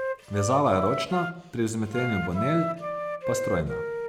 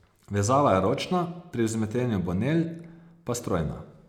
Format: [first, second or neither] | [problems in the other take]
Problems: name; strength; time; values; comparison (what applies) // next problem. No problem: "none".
second | background sound (Wind instrument, woodwind instrument); 4 dB below the speech